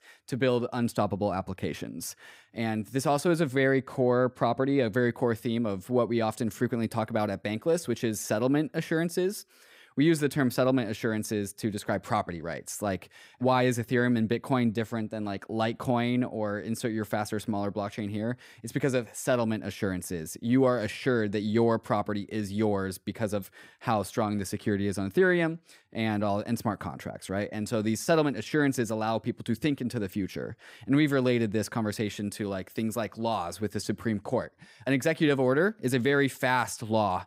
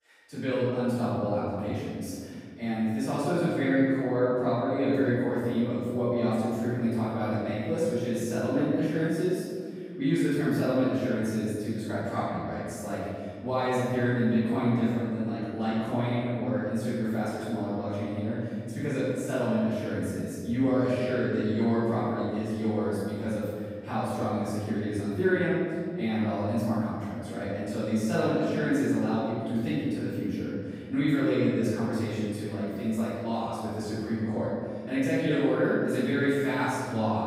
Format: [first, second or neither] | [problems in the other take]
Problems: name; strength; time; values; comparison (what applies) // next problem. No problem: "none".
first | room echo; strong; dies away in 2.1 s // off-mic speech; far